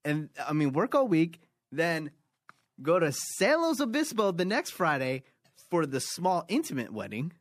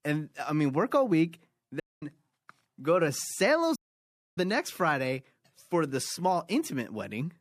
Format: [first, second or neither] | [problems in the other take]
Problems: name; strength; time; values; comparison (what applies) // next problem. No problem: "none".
first | audio cutting out; at 2 s and at 4 s for 0.5 s